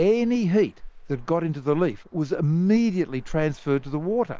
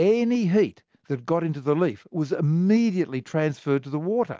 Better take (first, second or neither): second